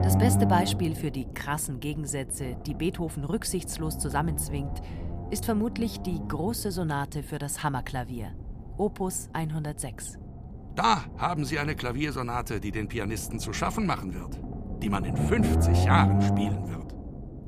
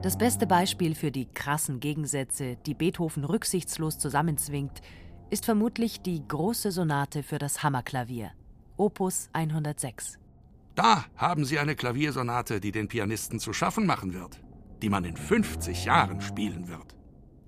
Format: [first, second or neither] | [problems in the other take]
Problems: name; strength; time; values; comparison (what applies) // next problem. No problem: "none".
second | low rumble; loud; throughout; 7 dB below the speech; faint in the second